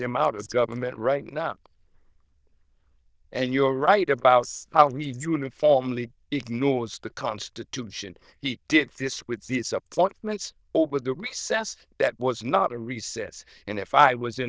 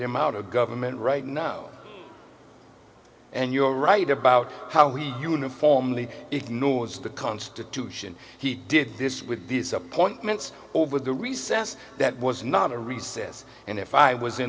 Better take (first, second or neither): second